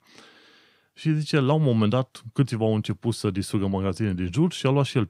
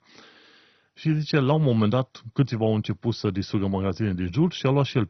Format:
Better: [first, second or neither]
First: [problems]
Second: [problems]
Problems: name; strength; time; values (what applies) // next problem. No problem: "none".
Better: first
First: none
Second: garbled, watery; badly; nothing above 6 kHz